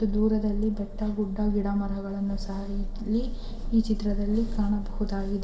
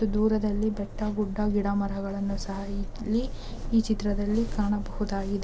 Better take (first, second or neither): second